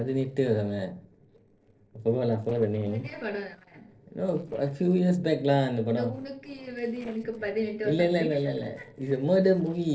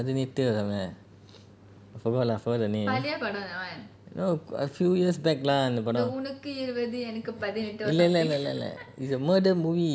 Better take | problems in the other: second | noise reduction (neural separator model SepFormer DNS4)

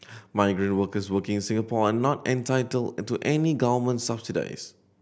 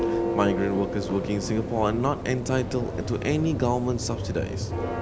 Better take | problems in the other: first | background sound (Church bell); 3 dB below the speech

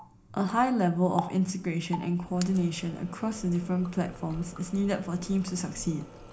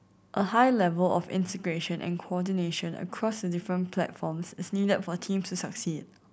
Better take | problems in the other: second | background sound (Water tap, faucet); 14 dB below the speech // room echo; dies away in 0.4 s

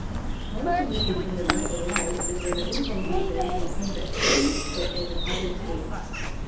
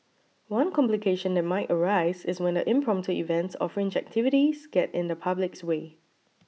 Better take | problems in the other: second | background sound (Bird vocalization, bird call, bird song); 5 dB above the speech // room echo; dies away in 0.9 s

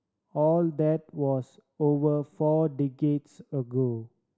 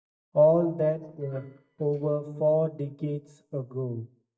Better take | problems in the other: first | noise reduction (neural mask model DeepFilterNet 3)

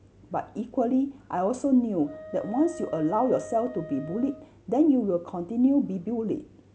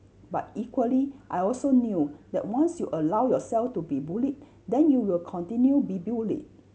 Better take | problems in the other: second | background sound (Wind instrument, woodwind instrument); 17 dB below the speech

